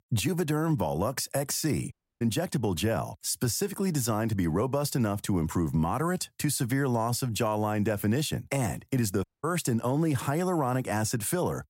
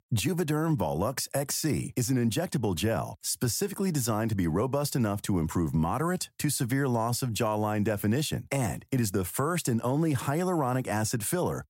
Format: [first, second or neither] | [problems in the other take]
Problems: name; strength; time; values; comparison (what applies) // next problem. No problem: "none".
second | audio cutting out; at 2 s and at 9 s